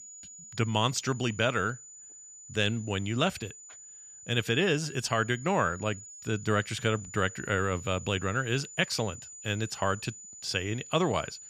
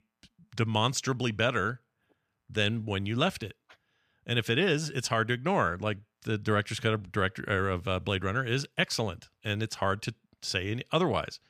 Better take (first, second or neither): second